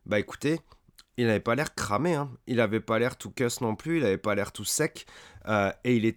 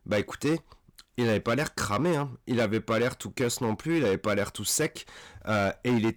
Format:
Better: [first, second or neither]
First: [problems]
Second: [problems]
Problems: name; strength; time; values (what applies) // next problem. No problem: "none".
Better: first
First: none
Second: distortion; slight; 9% of the sound clipped